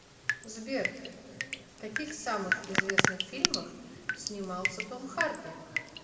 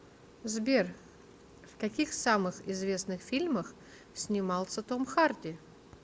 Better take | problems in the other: second | background sound (Drip); 4 dB above the speech // room echo; dies away in 1.9 s

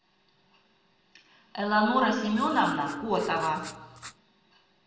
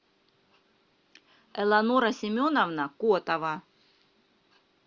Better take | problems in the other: second | background sound (Writing); 18 dB below the speech // room echo; dies away in 0.9 s

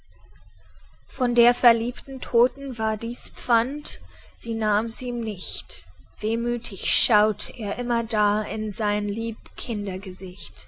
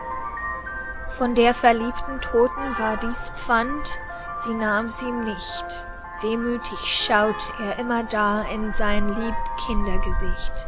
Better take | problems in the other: first | background sound (Vehicle horn, car horn, honking); 2 dB below the speech

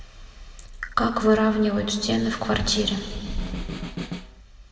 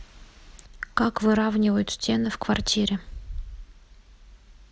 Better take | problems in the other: second | background sound (Snare drum); 13 dB below the speech // room echo; dies away in 2 s

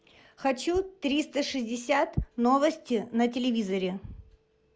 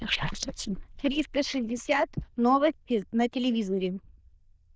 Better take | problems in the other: first | noise reduction (neural diffusion model UNIVERSE++)

